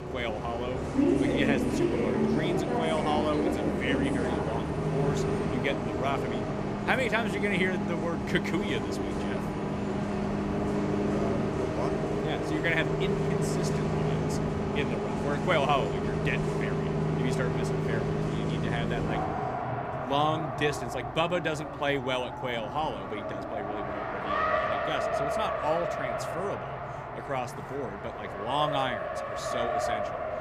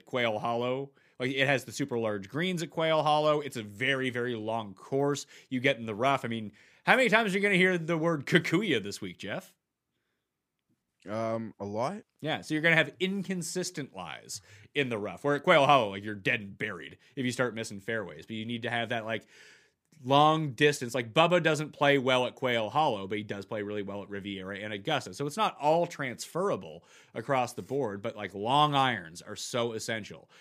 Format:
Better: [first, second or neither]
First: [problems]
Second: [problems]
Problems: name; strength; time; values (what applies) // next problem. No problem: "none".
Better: second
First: traffic noise; very loud; throughout; 3 dB above the speech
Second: none